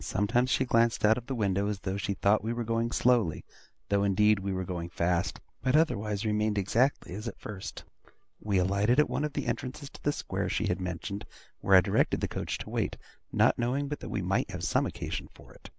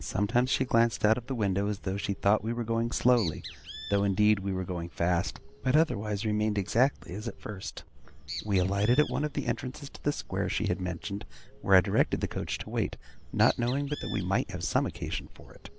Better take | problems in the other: first | background sound (Bird); 17 dB below the speech

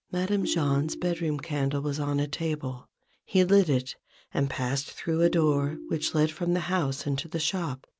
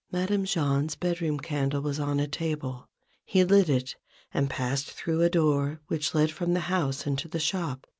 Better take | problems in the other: second | background sound (Ringtone); 11 dB below the speech

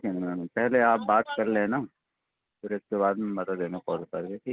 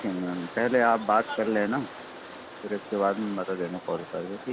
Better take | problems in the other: first | background sound (Rain); 14 dB below the speech

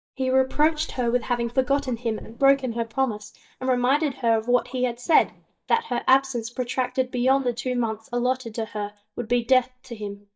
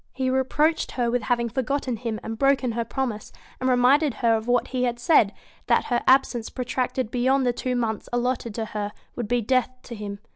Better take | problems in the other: second | noise reduction (neural mask model DeepFilterNet 3)

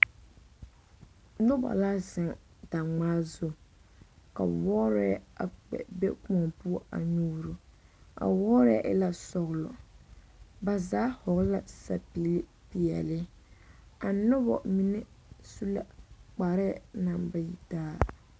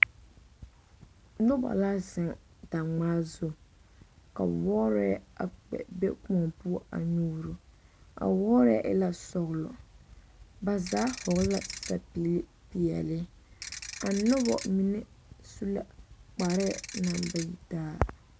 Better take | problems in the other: first | background sound (Ratchet, pawl / Percussion); 10 dB below the speech

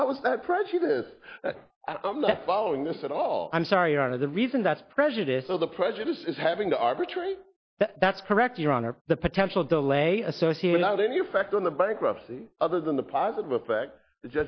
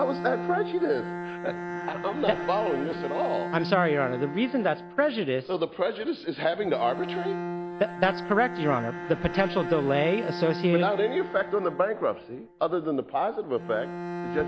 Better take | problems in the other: first | background sound (Bowed string instrument); 8 dB below the speech

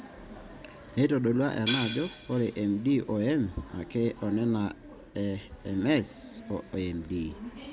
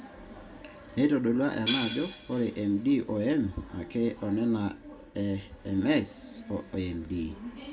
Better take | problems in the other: first | room echo; dies away in 0.2 s

